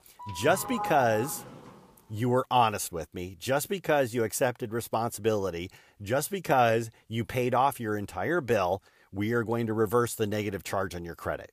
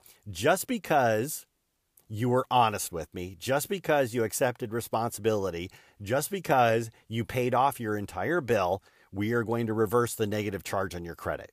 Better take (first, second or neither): second